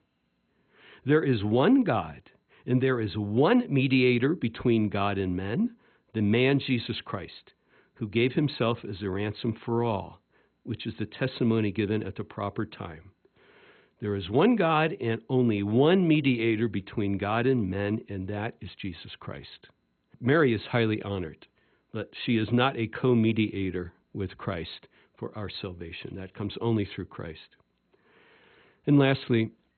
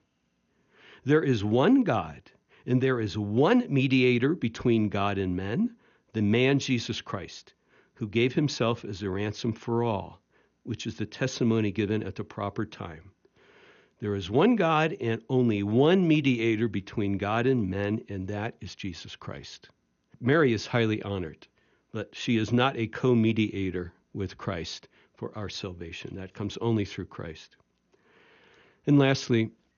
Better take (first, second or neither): second